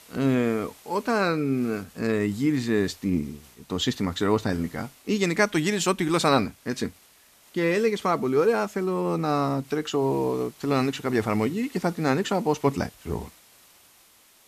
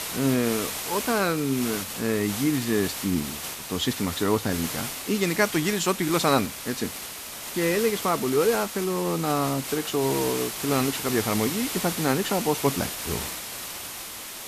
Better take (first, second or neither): first